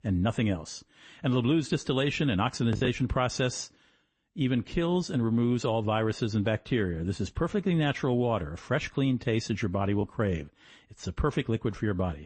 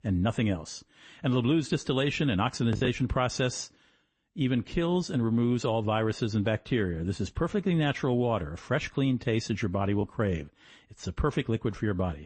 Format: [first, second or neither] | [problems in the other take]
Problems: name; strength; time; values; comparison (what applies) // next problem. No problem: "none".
neither | garbled, watery; slightly; nothing above 8 kHz; the same in both